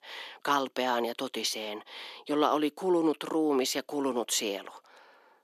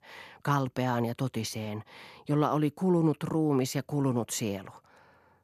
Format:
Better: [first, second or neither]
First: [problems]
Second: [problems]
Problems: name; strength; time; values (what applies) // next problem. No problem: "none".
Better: second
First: thin; somewhat; fading below 300 Hz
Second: none